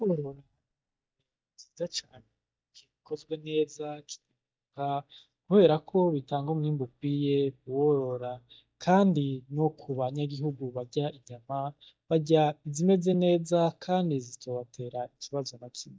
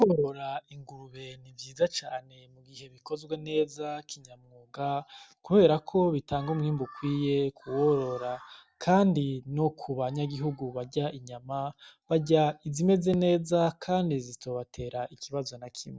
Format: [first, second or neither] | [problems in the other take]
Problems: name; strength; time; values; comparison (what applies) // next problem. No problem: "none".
second | noise reduction (neural mask model DeepFilterNet 3)